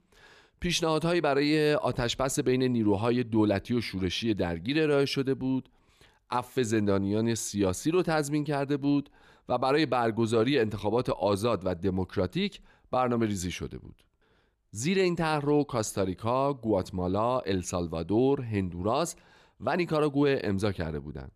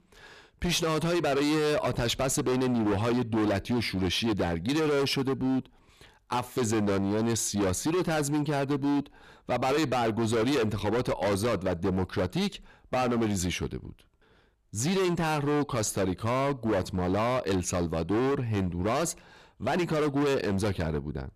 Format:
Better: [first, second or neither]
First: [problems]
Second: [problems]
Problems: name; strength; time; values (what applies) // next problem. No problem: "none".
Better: first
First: none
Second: distortion; heavy; 24% of the sound clipped